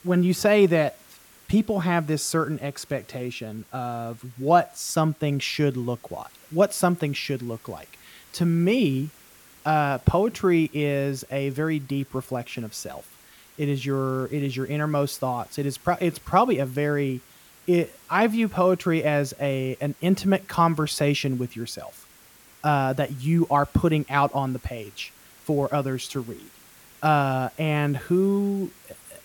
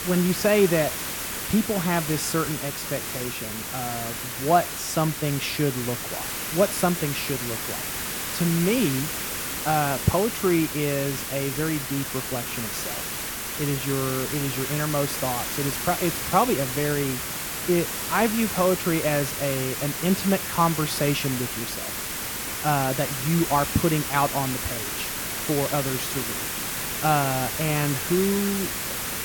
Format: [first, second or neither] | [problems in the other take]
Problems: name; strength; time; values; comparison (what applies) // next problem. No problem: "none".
first | hiss; loud; throughout; 2 dB below the speech; faint in the first